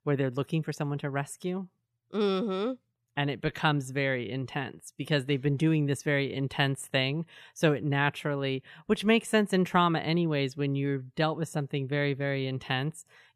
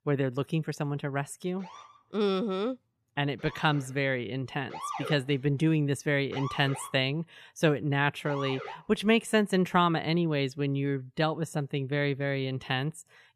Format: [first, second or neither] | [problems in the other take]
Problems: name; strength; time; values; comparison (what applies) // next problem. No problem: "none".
first | siren; noticeable; from 1.5 to 9 s; peak 7 dB below the speech